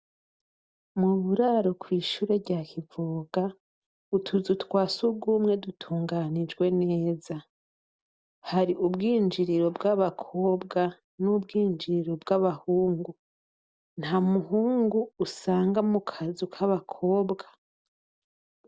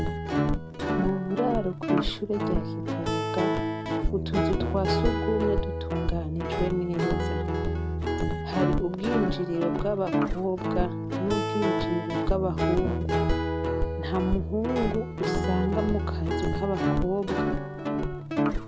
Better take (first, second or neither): first